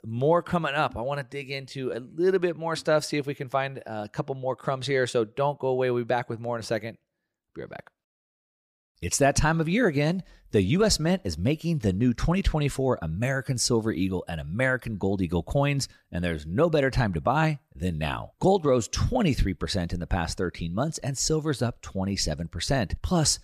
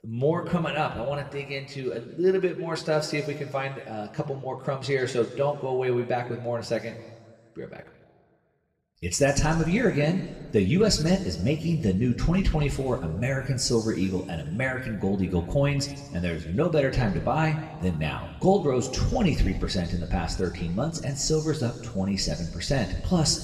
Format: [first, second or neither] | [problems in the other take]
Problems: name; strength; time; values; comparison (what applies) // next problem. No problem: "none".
first | room echo; slight; dies away in 1.5 s // off-mic speech; somewhat distant